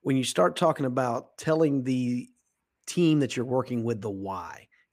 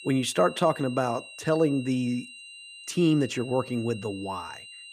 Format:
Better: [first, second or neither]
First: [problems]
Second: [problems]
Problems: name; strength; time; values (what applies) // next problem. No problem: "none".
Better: first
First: none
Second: high-pitched whine; noticeable; throughout; 3 kHz, 15 dB below the speech